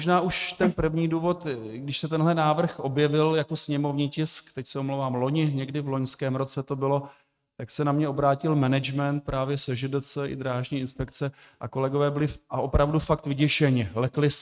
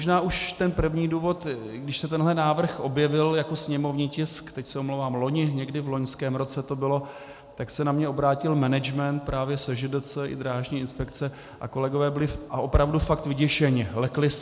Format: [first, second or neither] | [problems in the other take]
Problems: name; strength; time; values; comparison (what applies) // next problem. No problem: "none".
second | noise reduction (neural mask model RNNoise)